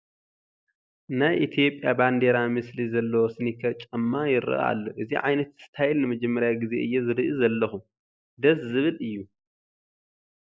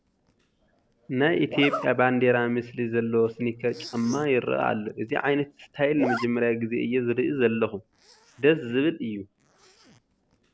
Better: first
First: none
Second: background sound (Zipper (clothing)); 15 dB below the speech

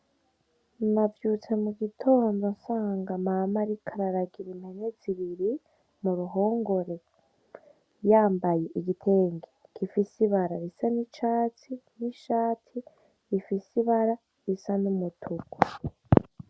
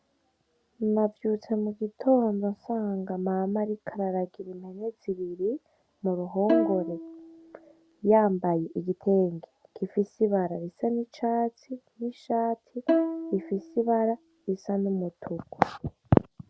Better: first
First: none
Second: background sound (Bowed string instrument); 3 dB below the speech

